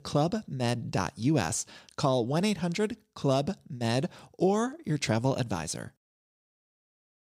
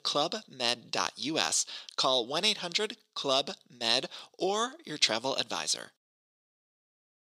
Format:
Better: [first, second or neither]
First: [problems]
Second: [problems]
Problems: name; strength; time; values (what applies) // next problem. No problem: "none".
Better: first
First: none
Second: thin; somewhat; fading below 400 Hz